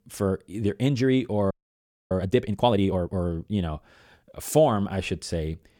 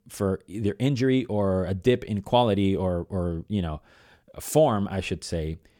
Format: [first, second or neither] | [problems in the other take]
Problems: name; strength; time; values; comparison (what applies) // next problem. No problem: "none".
second | audio freezing; at 1.5 s for 0.5 s